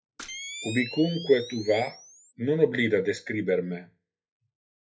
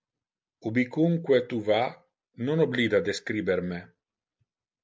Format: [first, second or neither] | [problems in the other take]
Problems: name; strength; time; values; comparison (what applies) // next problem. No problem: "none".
second | noise reduction (classical method WPE with log-MMSE)